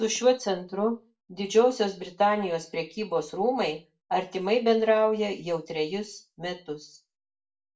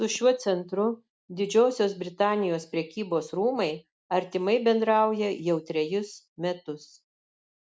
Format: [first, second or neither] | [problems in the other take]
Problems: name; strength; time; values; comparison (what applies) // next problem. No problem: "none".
second | room echo; dies away in 0.2 s